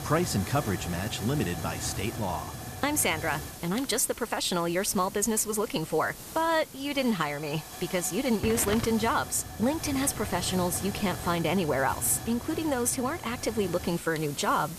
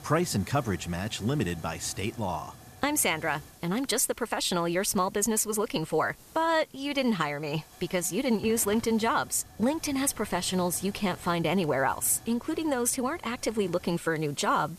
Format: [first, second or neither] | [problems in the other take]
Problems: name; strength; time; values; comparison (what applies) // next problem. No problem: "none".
second | hiss; loud; throughout; 10 dB below the speech; faint in the second